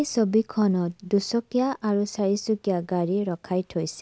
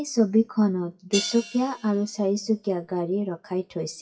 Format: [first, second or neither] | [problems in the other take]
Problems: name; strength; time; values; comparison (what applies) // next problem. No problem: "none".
first | noise reduction (classical method WPE with log-MMSE)